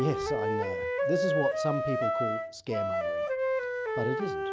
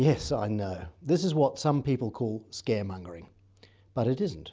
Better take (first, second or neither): second